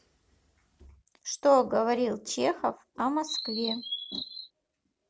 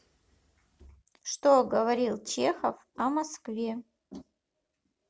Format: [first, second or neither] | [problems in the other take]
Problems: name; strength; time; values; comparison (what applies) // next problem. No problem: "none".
second | background sound (Chirp, tweet); 6 dB below the speech